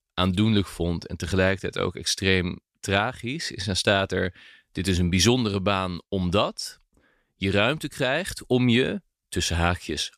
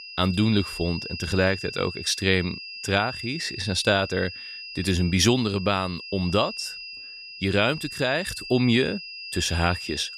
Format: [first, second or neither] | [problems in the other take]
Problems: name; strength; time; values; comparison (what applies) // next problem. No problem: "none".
first | high-pitched whine; noticeable; throughout; 5 kHz, 10 dB below the speech